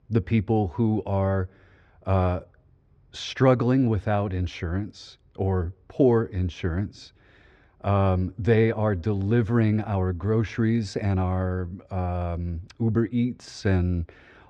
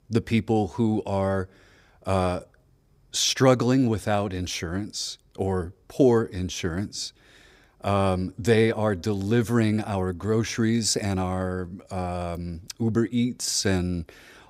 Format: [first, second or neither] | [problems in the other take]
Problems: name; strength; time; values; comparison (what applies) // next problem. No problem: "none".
second | muffled; slightly; fading above 2.5 kHz